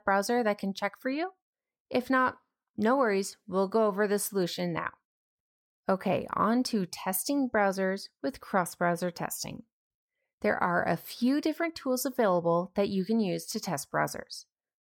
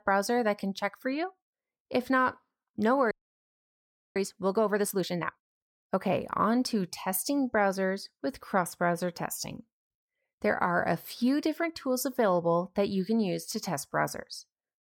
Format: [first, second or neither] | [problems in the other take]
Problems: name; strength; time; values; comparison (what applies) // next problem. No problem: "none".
first | audio freezing; at 3 s for 1 s